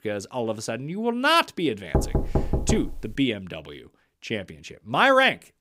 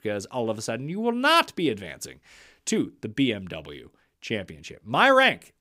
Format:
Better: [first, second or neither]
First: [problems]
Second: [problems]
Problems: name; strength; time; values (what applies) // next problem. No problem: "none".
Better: second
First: door banging; noticeable; from 2 to 3 s; peak 2 dB below the speech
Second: none